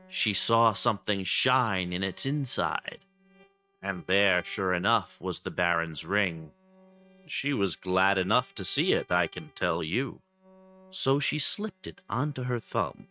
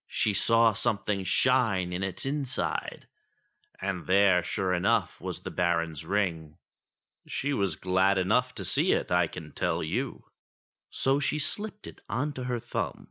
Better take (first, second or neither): second